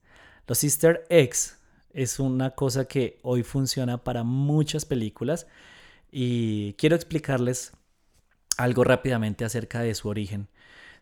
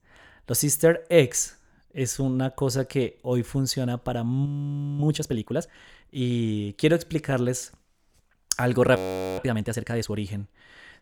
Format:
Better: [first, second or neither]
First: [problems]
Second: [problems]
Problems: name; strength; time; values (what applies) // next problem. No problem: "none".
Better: first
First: none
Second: audio freezing; at 4.5 s for 0.5 s and at 9 s